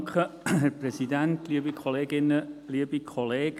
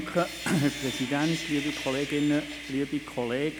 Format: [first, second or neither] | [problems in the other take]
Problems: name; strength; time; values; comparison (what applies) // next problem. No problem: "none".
first | background sound (Sawing); 9 dB below the speech